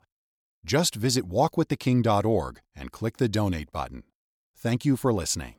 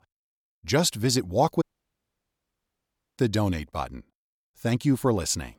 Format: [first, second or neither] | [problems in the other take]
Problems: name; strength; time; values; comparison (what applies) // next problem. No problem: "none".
first | audio cutting out; at 1.5 s for 1.5 s